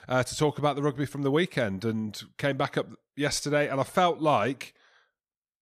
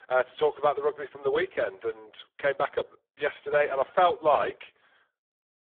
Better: first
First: none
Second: phone-call audio; poor line; nothing above 3.5 kHz

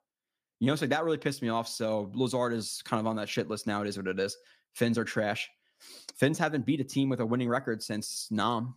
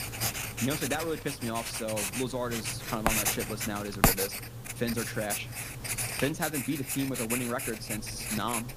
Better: first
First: none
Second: household noises; very loud; throughout; 2 dB above the speech

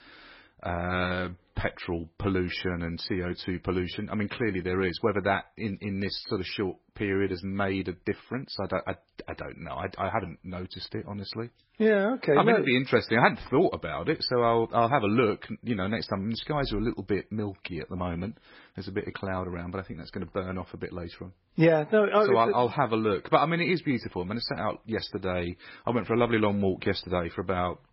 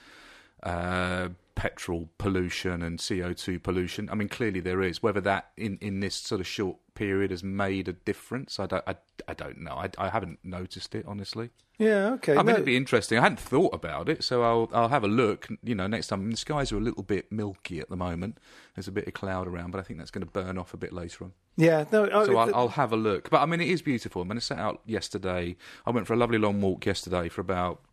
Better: second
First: garbled, watery; badly; nothing above 5 kHz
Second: none

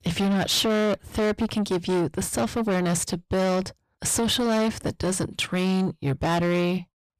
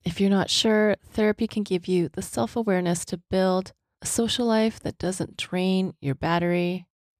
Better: second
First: distortion; heavy; 6 dB below the speech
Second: none

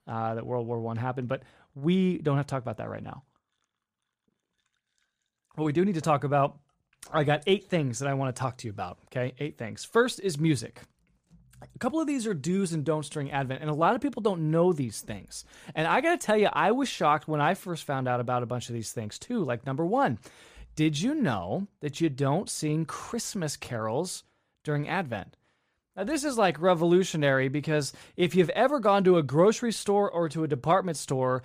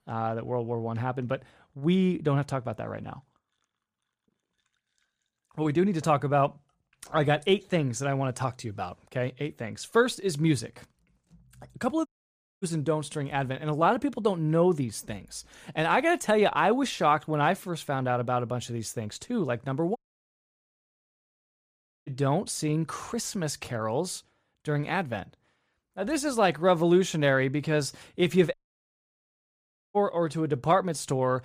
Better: first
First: none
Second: audio cutting out; at 12 s for 0.5 s, at 20 s for 2 s and at 29 s for 1.5 s

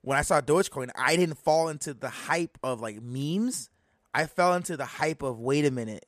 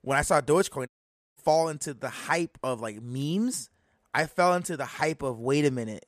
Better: first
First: none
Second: audio cutting out; at 1 s

